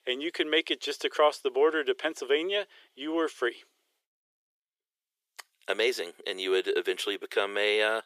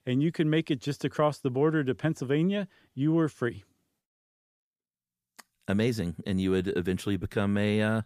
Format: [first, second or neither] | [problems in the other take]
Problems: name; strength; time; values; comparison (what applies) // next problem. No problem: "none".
second | thin; very; fading below 400 Hz